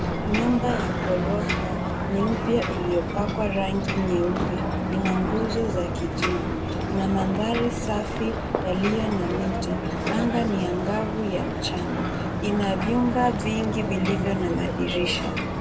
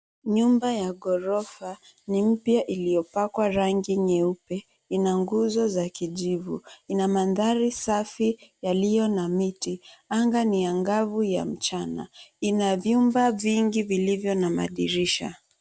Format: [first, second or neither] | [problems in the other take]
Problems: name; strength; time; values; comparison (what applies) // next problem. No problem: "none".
second | background sound (Ocean); as loud as the speech // room echo; dies away in 0.2 s